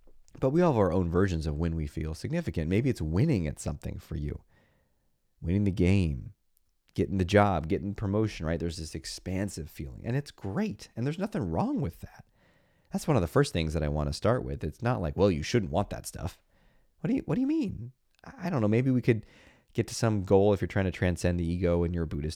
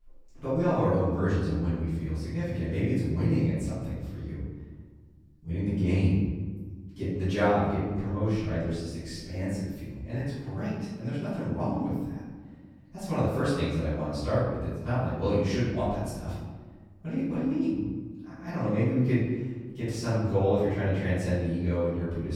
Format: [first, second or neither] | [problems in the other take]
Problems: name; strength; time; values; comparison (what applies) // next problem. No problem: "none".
first | off-mic speech; far // room echo; strong; dies away in 1.3 s